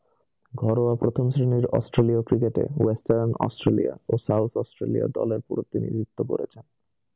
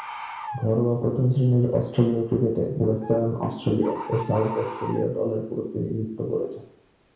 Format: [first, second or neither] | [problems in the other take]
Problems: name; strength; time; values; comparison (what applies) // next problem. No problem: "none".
first | background sound (Bird); 16 dB below the speech // room echo; dies away in 0.7 s